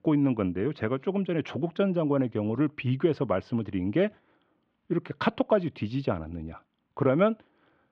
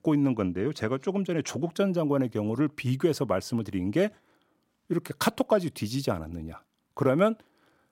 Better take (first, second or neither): second